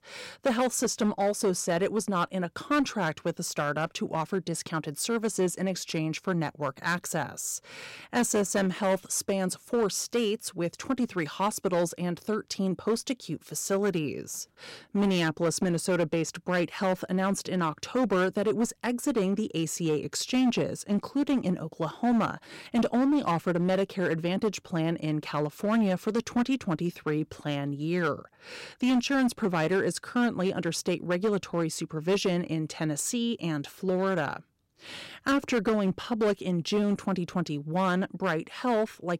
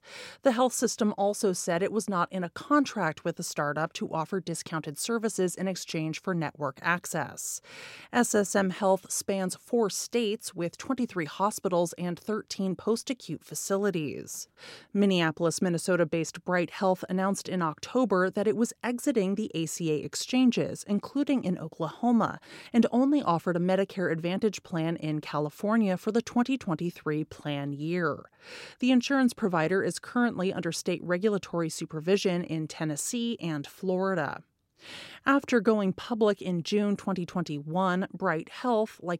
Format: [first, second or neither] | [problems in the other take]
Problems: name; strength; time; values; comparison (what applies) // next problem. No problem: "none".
second | distortion; slight; 7% of the sound clipped